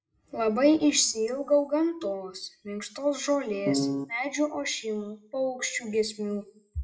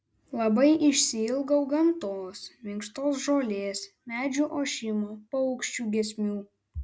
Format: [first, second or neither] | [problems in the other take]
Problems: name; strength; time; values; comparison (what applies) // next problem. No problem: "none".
second | noise reduction (classical method WPE with log-MMSE)